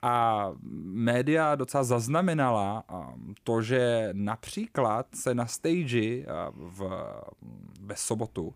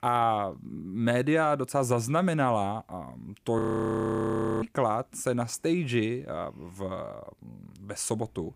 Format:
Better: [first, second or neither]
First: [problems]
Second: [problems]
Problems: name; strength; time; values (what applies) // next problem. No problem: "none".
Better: first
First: none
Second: audio freezing; at 3.5 s for 1 s